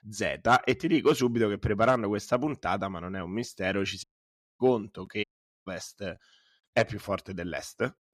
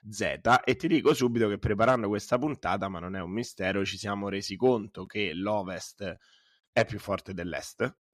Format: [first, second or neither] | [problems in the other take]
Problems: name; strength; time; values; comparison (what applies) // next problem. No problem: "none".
second | audio cutting out; at 4 s for 0.5 s and at 5 s